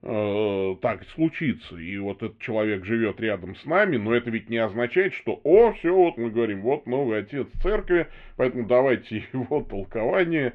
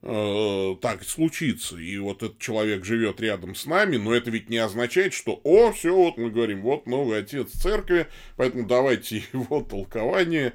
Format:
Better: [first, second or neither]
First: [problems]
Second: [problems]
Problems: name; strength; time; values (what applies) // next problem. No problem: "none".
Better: second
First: muffled; very; fading above 2.5 kHz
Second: none